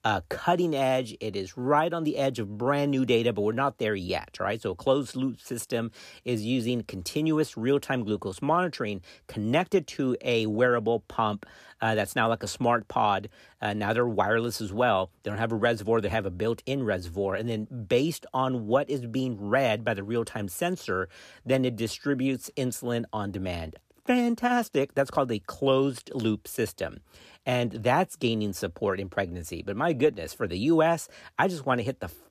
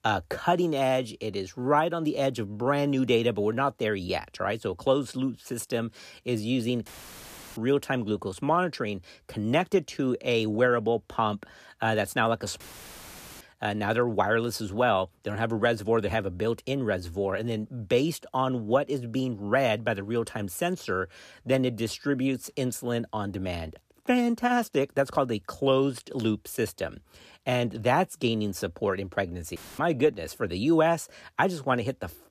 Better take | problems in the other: first | audio cutting out; filled with static; at 7 s for 0.5 s, at 13 s for 1 s and at 30 s

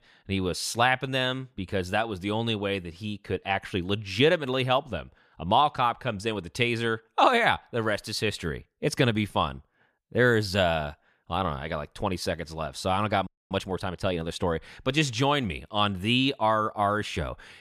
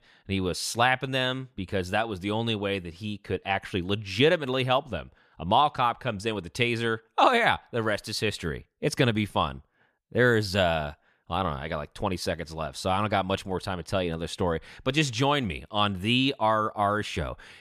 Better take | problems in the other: second | audio freezing; at 13 s

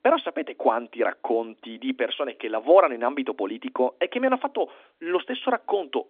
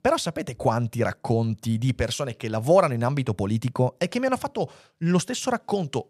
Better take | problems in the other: second | phone-call audio; nothing above 3.5 kHz

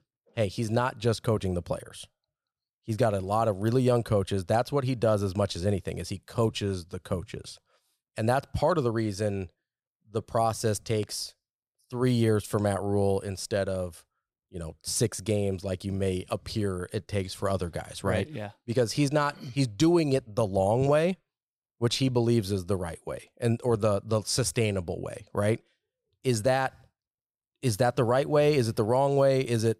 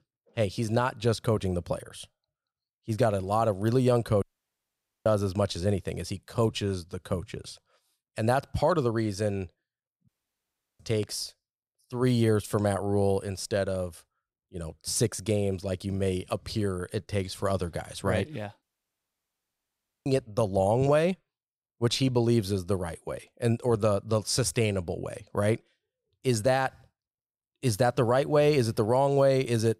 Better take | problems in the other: first | audio cutting out; at 4 s for 1 s, at 10 s for 0.5 s and at 19 s for 1.5 s

